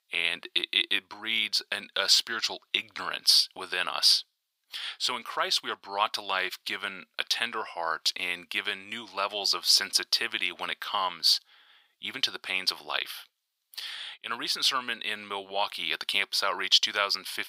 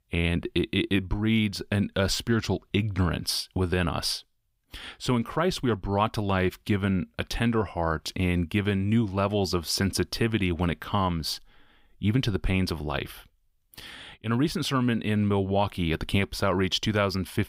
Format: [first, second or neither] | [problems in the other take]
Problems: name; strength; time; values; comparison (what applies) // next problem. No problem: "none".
second | thin; very; fading below 950 Hz